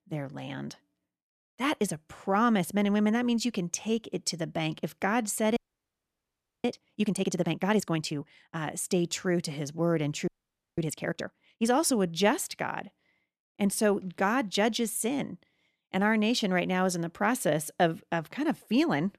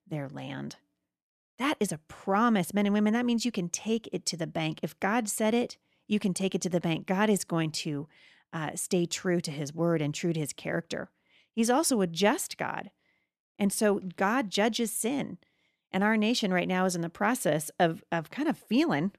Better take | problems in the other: second | audio freezing; at 5.5 s for 1 s and at 10 s for 0.5 s

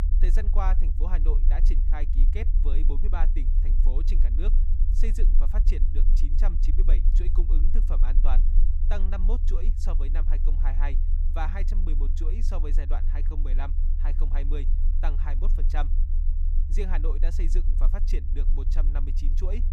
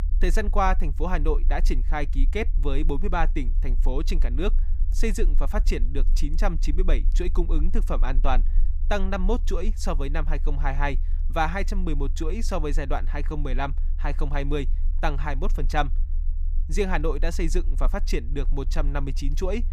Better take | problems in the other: second | low rumble; loud; throughout; 8 dB below the speech; faint in the second

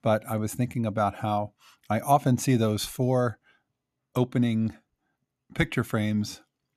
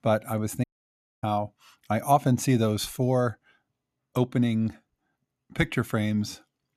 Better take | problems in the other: first | audio cutting out; at 0.5 s for 0.5 s

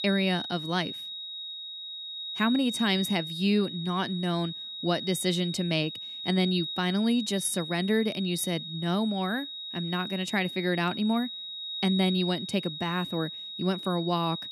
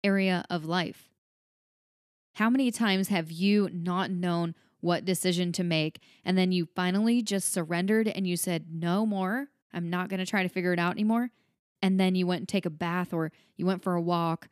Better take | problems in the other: second | high-pitched whine; loud; throughout; 4 kHz, 6 dB below the speech

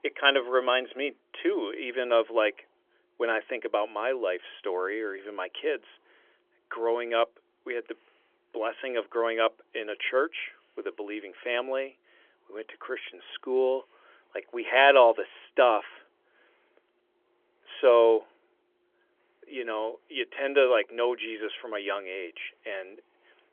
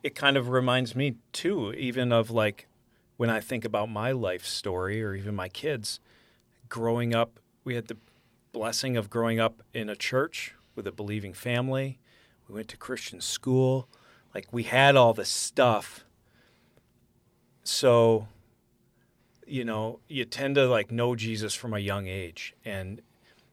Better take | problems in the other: second | phone-call audio; nothing above 3.5 kHz

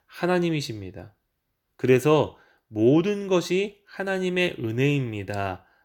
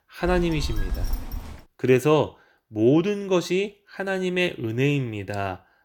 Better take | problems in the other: first | phone ringing; noticeable; until 1.5 s; peak 7 dB below the speech

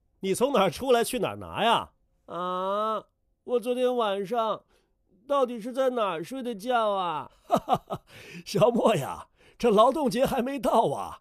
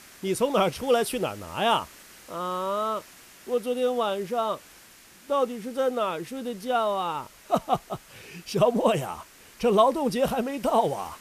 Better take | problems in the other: first | hiss; faint; throughout; 20 dB below the speech

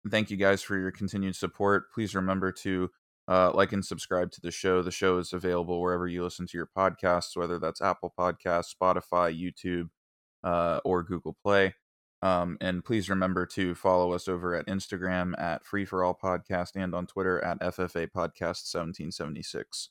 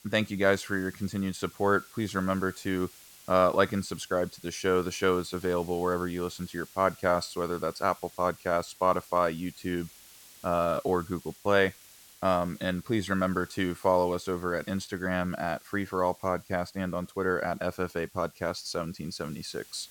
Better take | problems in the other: first | hiss; faint; throughout; 20 dB below the speech

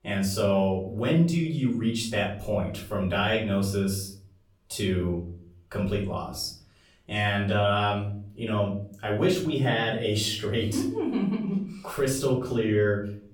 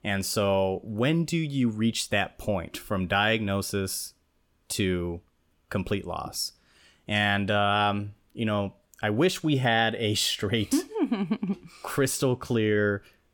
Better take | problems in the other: second | off-mic speech; far // room echo; slight; dies away in 0.5 s

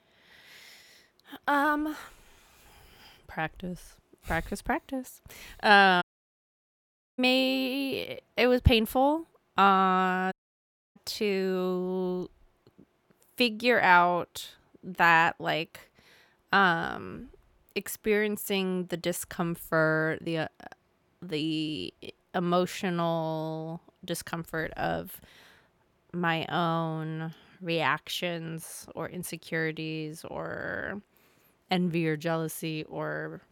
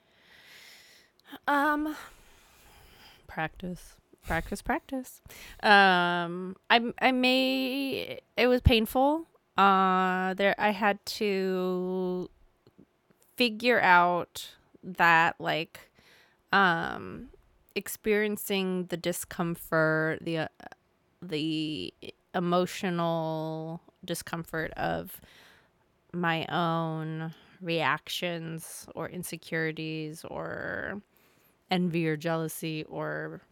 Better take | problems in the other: second | audio cutting out; at 6 s for 1 s and at 10 s for 0.5 s

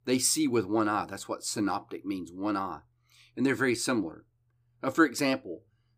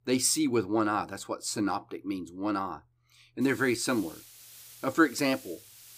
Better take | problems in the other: first | hiss; noticeable; from 3.5 s on; 20 dB below the speech

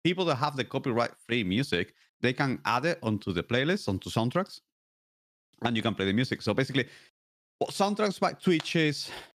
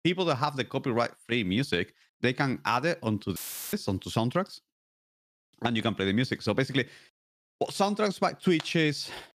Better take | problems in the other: first | audio cutting out; filled with static; at 3.5 s

